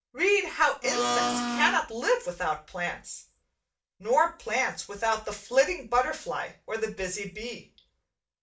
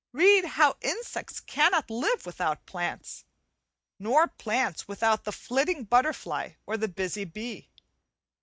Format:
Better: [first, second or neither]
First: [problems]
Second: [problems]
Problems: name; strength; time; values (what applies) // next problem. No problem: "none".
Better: second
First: background sound (Domestic sounds, home sounds); 1 dB above the speech // room echo; dies away in 0.3 s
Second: none